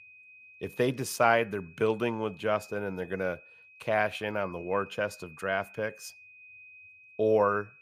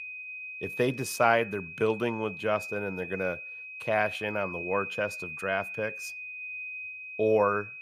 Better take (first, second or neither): first